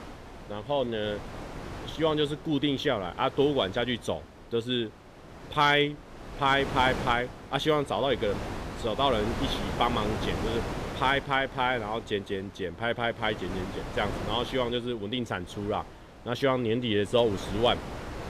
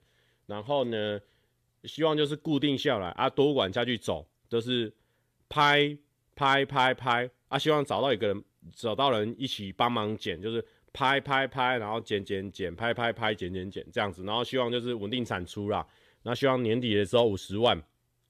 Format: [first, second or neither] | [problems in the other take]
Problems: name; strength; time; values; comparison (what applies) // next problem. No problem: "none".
second | wind noise on the microphone; occasional gusts; 10 dB below the speech